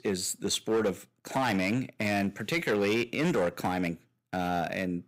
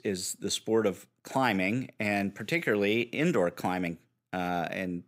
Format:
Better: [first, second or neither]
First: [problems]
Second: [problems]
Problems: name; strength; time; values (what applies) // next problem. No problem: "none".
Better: second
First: distortion; slight; 7% of the sound clipped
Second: none